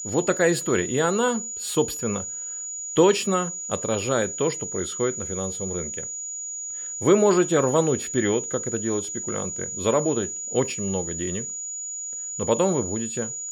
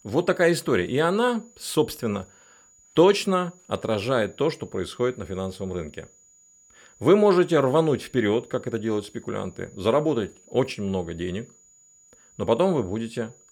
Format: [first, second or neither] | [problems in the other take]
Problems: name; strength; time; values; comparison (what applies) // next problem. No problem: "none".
second | high-pitched whine; loud; throughout; 7 kHz, 5 dB below the speech; faint in the second